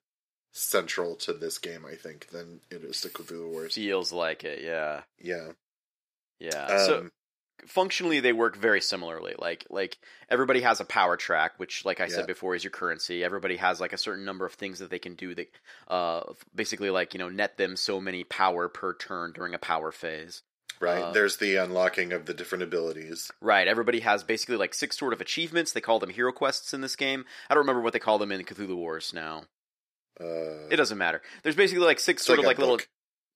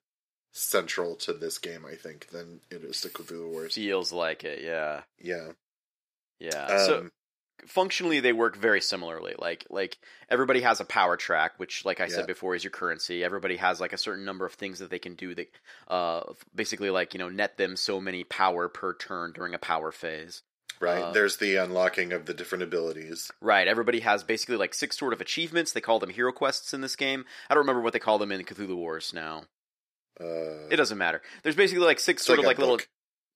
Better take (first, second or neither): neither